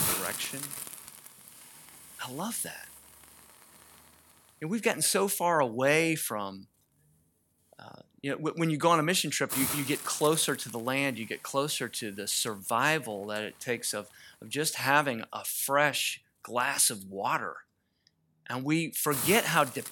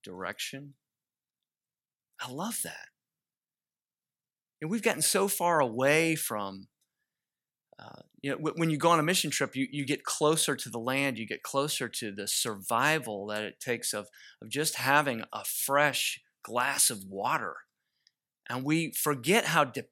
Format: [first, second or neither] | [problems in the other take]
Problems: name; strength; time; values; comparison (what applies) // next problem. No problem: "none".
second | hiss; loud; throughout; 7 dB below the speech